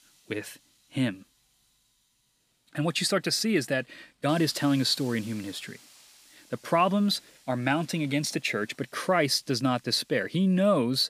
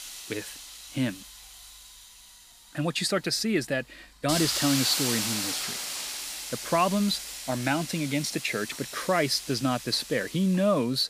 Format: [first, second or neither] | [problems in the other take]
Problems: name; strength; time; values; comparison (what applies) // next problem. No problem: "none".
first | hiss; loud; throughout; 4 dB below the speech; faint in the first